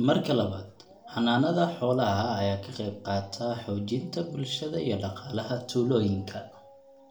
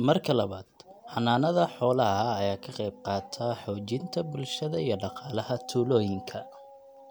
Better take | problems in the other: second | room echo; dies away in 0.4 s

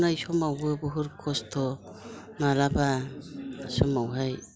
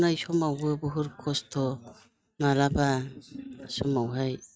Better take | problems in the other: first | noise reduction (neural mask model RNNoise)

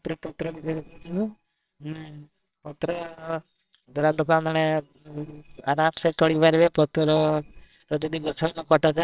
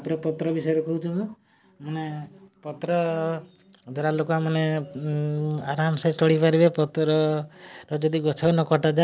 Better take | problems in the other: second | noise reduction (neural separator model SepFormer WHAMR!)

